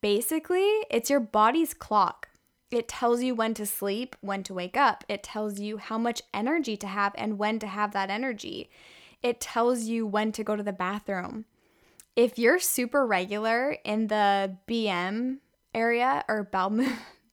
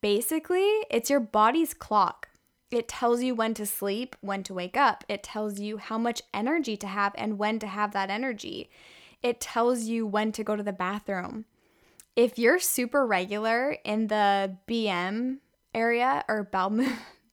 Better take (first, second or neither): neither